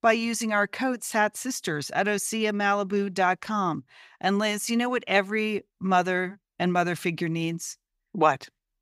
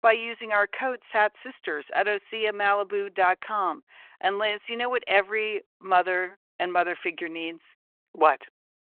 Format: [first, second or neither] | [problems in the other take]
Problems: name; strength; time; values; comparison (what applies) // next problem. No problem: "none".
first | phone-call audio